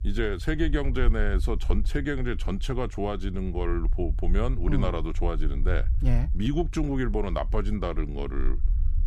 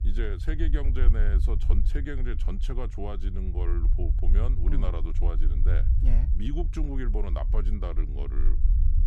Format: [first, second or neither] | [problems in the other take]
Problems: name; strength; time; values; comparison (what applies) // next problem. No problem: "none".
first | low rumble; loud; throughout; 8 dB below the speech; faint in the first